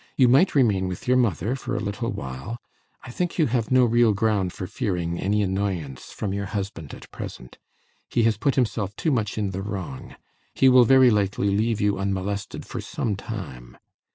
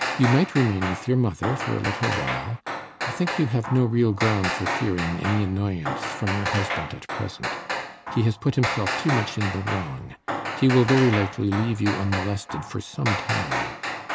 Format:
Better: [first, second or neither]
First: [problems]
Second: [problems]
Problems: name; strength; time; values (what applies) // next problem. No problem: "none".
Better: first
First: none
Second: background sound (Hammer); 5 dB below the speech